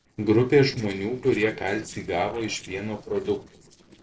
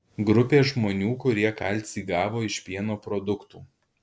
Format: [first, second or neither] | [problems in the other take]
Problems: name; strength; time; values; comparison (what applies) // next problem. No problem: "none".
second | noise reduction (neural separator model SepFormer DNS4)